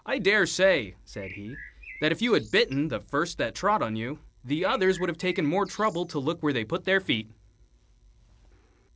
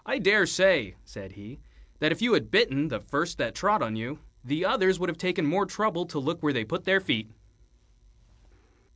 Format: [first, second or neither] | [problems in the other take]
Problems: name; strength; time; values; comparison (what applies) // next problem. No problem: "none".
second | background sound (Bird); 19 dB below the speech